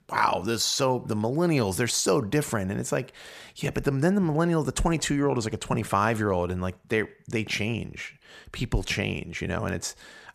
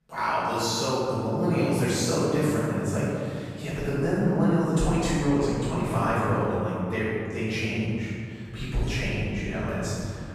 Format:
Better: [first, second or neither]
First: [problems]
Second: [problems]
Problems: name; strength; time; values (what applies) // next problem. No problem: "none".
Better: first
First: none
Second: room echo; strong; dies away in 2.8 s // off-mic speech; far